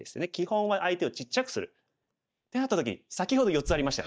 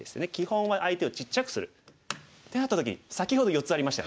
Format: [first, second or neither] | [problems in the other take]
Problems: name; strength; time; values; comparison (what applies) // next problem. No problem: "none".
second | noise reduction (neural mask model DeepFilterNet 3)